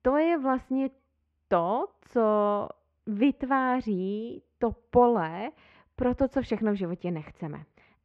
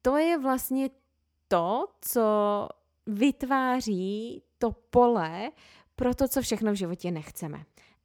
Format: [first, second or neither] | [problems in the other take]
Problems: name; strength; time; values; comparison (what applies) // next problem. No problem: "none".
second | muffled; very; fading above 2.5 kHz